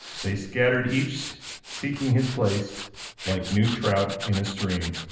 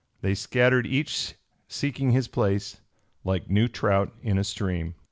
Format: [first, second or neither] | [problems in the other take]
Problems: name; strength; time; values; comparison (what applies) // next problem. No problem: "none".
second | background sound (Tools); 11 dB below the speech // room echo; dies away in 0.8 s